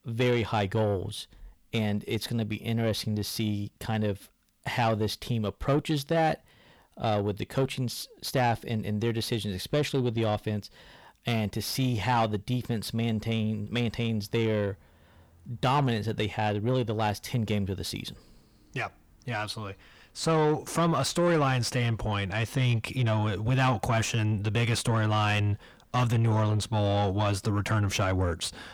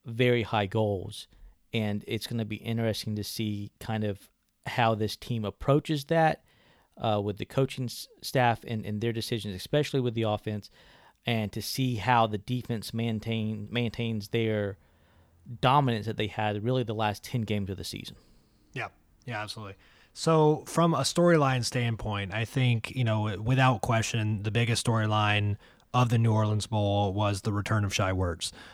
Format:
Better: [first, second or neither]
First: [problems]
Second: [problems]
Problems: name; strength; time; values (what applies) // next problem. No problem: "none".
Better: second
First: distortion; slight; 10 dB below the speech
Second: none